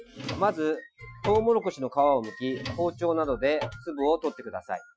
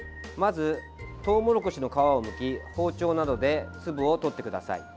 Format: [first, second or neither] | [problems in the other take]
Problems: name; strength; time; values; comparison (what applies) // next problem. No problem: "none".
second | noise reduction (classical method Wiener filter)